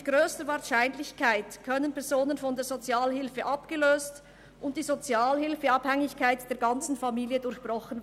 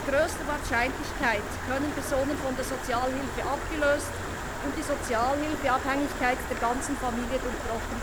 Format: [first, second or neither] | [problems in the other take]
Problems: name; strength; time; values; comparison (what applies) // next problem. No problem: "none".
first | background sound (Stream); 4 dB below the speech